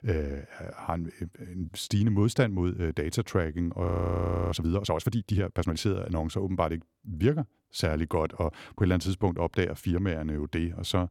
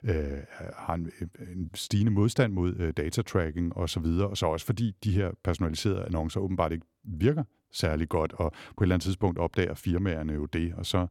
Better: second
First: audio freezing; at 4 s for 0.5 s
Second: none

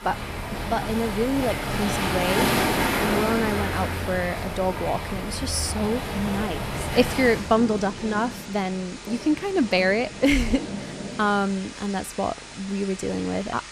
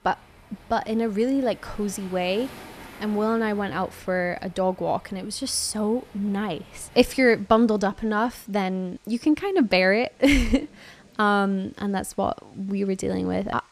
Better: second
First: rain or running water; loud; throughout; 3 dB below the speech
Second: rain or running water; faint; throughout; 25 dB below the speech

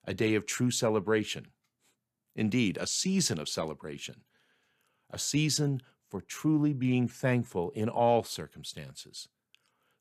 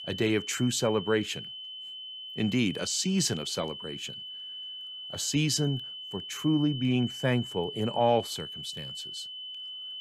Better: first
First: none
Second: high-pitched whine; loud; throughout; 3 kHz, 9 dB below the speech

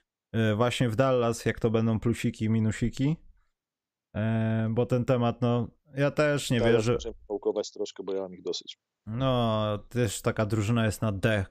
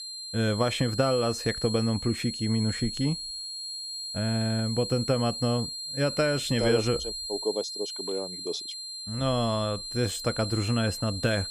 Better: first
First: none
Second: high-pitched whine; loud; throughout; 4 kHz, 5 dB below the speech

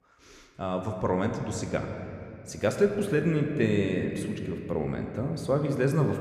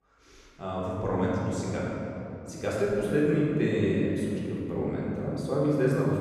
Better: first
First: room echo; slight; dies away in 2.6 s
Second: room echo; strong; dies away in 2.7 s // off-mic speech; far

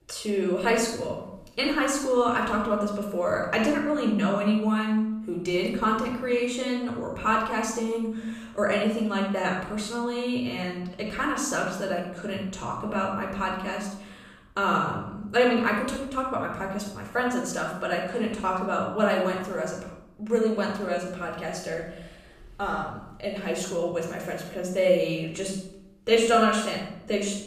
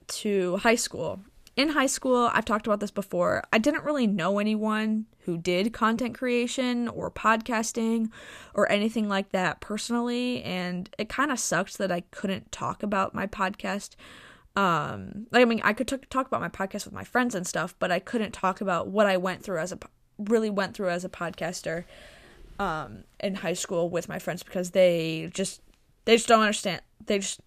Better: second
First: off-mic speech; somewhat distant // room echo; noticeable; dies away in 0.7 s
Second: none

